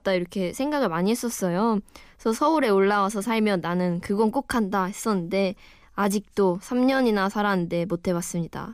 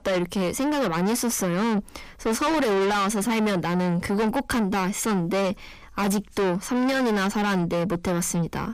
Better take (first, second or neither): first